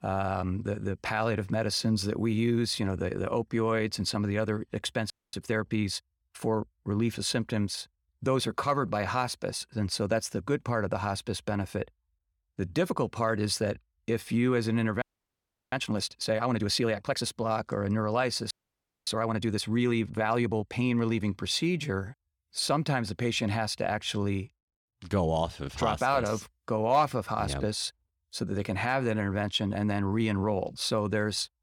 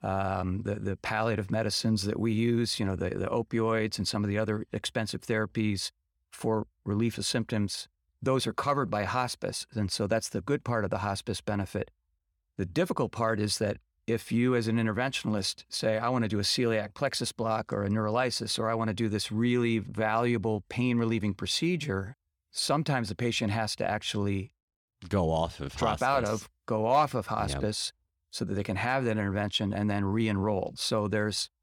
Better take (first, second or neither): second